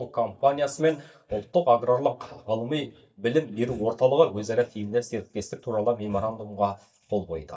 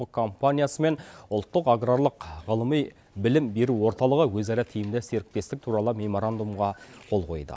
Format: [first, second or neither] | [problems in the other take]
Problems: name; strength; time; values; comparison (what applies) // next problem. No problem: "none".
second | noise reduction (neural mask model DeepFilterNet 3)